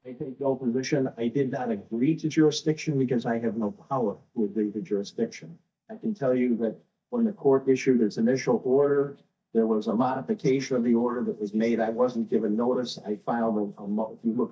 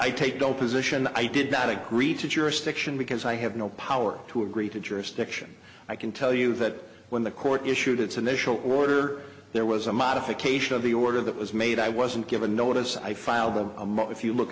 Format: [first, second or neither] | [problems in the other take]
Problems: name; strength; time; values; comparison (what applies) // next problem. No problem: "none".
second | noise reduction (neural mask model DeepFilterNet 3)